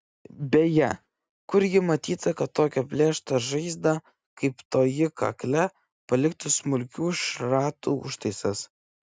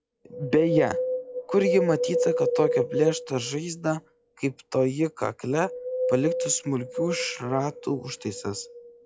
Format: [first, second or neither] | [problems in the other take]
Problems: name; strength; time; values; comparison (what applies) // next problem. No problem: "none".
first | noise reduction (classical method log-MMSE)